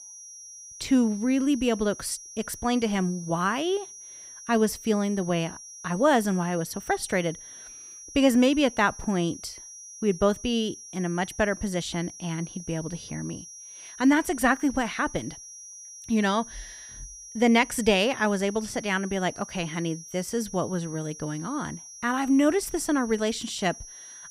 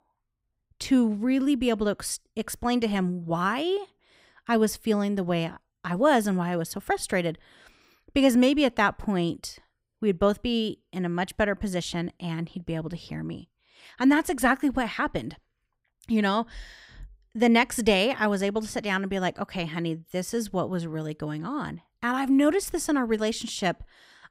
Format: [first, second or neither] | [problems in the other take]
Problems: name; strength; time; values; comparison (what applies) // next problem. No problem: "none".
second | high-pitched whine; noticeable; throughout; 5.5 kHz, 15 dB below the speech